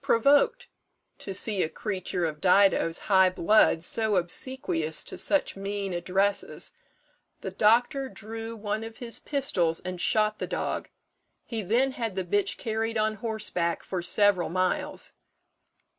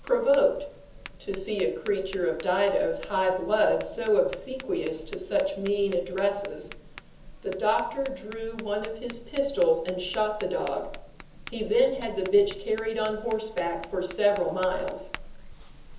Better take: first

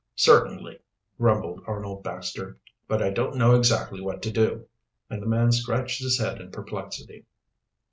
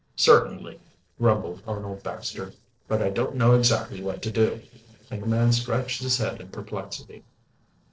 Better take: first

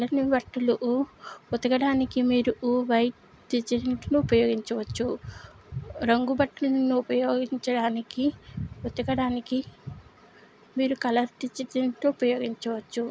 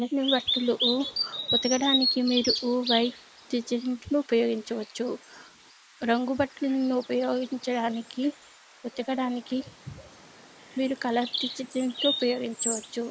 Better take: first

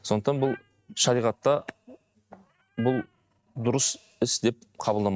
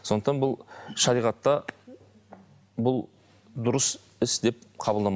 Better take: second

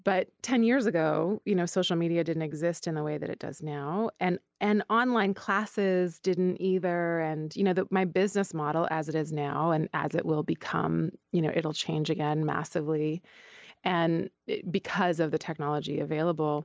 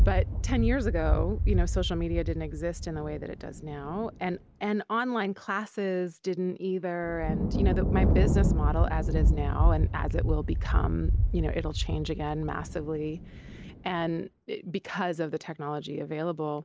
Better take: first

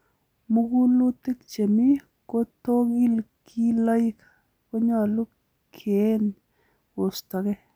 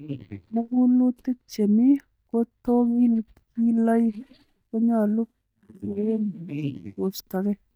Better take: first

